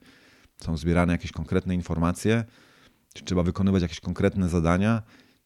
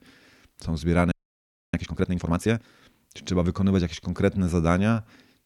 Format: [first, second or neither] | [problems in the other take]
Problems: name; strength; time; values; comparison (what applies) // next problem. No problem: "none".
first | audio freezing; at 1 s for 0.5 s